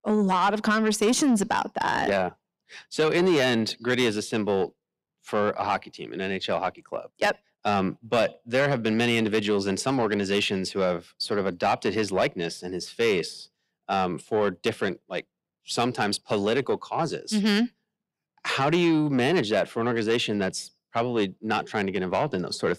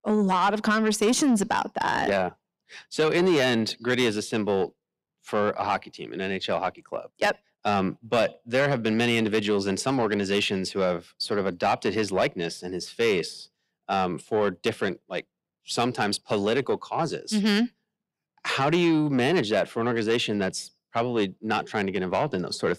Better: neither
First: distortion; slight; 10 dB below the speech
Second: distortion; slight; 10 dB below the speech

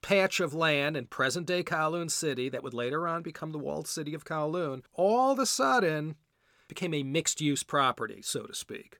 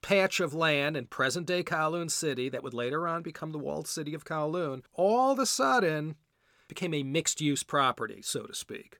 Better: neither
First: none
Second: none

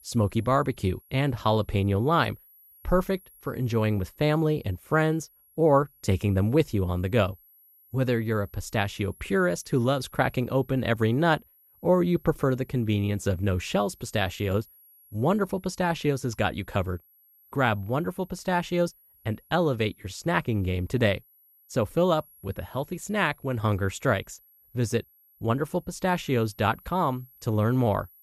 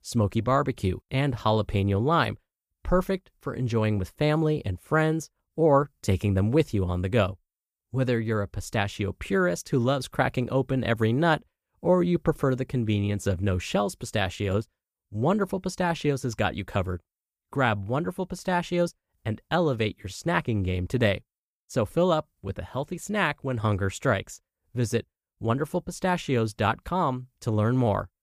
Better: second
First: high-pitched whine; faint; throughout; 11.5 kHz, 30 dB below the speech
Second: none

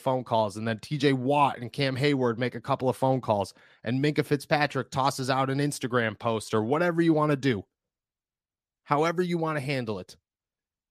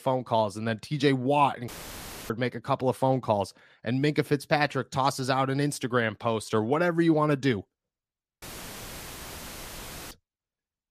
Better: first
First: none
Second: audio cutting out; filled with static; at 1.5 s for 0.5 s and at 8.5 s for 1.5 s

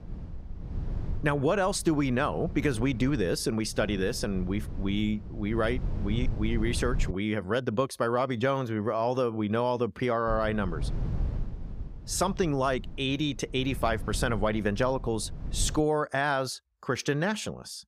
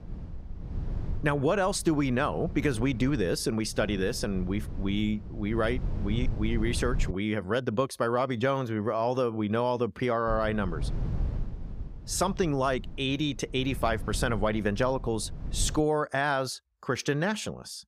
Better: neither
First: low rumble; faint; until 7 s and from 10 to 16 s; 20 dB below the speech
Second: low rumble; faint; until 7 s and from 10 to 16 s; 20 dB below the speech

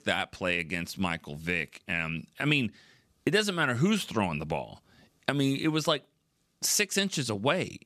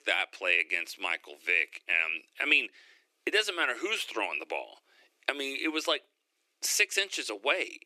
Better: first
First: none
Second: thin; very; fading below 300 Hz

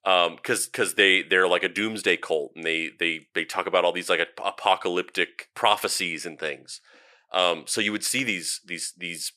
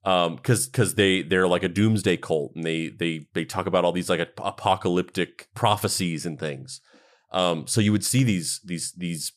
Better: second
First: thin; somewhat; fading below 400 Hz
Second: none

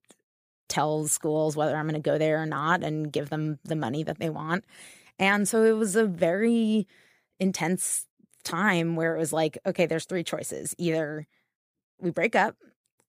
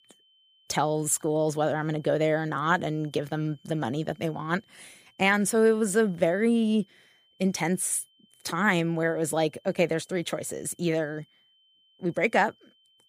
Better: first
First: none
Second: high-pitched whine; faint; throughout; 3 kHz, 35 dB below the speech

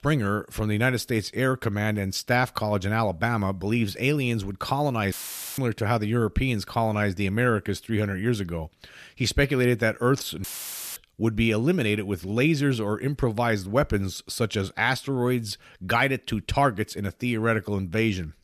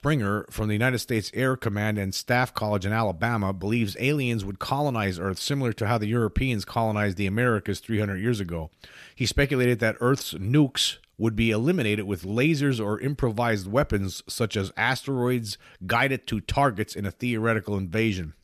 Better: second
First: audio cutting out; filled with static; at 5 s and at 10 s for 0.5 s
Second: none

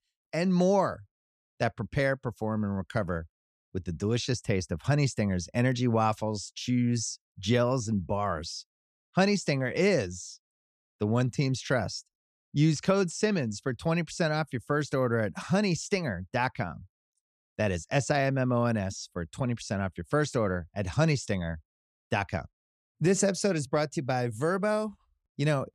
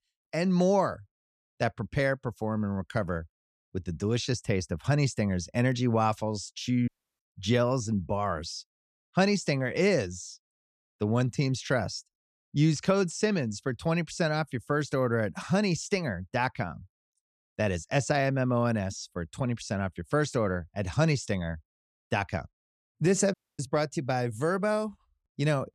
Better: first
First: none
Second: audio cutting out; at 7 s and at 23 s

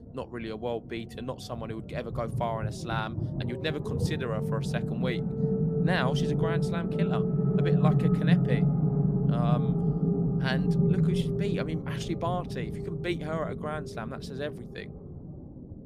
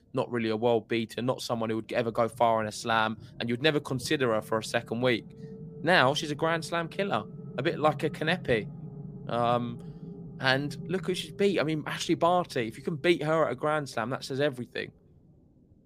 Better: second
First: low rumble; loud; throughout; as loud as the speech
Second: low rumble; faint; throughout; 25 dB below the speech

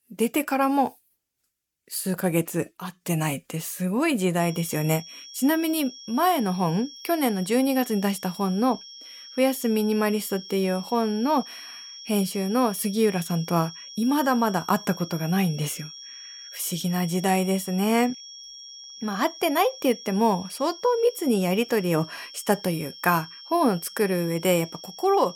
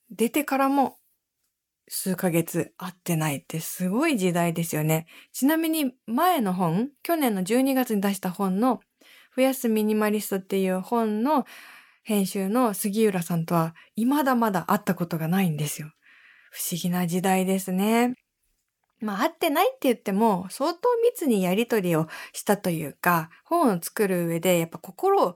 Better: second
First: high-pitched whine; noticeable; from 4.5 s on; 5.5 kHz, 15 dB below the speech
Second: none

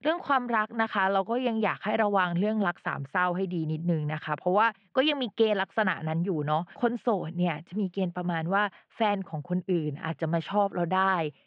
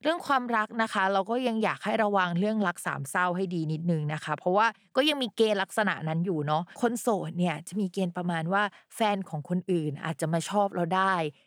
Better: second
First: muffled; slightly; fading above 3.5 kHz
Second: none

